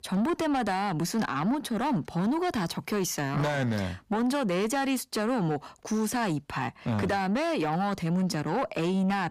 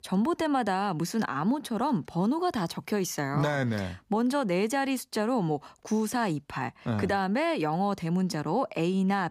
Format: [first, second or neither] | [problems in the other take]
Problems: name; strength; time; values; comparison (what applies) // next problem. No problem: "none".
second | distortion; slight; 10 dB below the speech